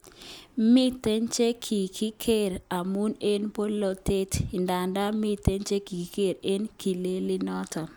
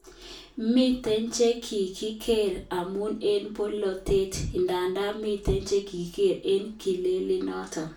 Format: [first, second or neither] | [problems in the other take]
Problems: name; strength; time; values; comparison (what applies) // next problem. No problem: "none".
first | room echo; dies away in 0.3 s